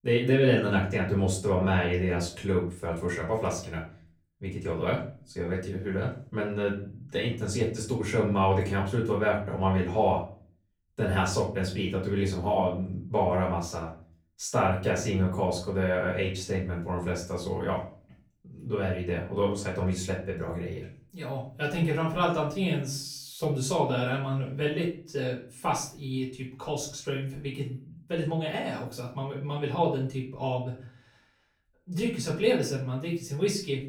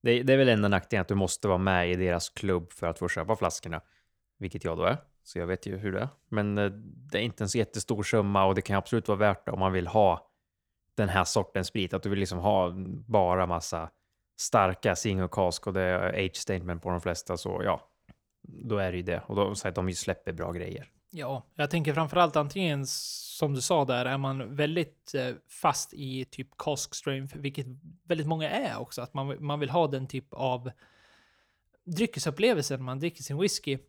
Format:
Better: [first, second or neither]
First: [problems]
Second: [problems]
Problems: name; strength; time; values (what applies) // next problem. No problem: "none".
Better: second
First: room echo; slight; dies away in 0.4 s // off-mic speech; far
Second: none